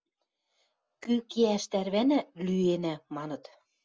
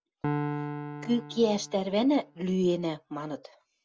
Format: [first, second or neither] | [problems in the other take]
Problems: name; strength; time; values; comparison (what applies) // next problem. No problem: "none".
first | background sound (Piano); 8 dB below the speech